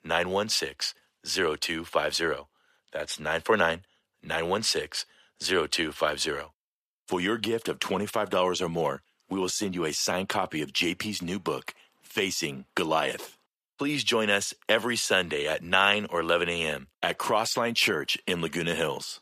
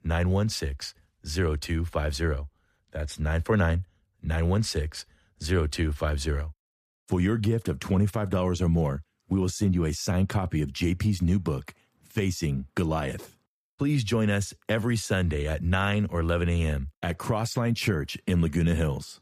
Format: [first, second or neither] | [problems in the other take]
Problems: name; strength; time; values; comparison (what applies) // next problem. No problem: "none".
second | thin; very; fading below 400 Hz